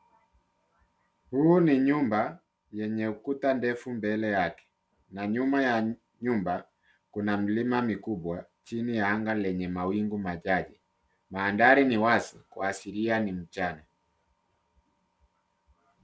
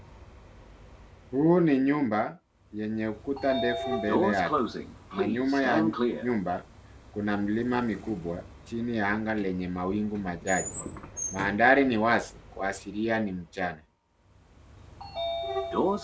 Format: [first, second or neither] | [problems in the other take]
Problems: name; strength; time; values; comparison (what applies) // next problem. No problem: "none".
first | background sound (Sliding door / Train); 6 dB below the speech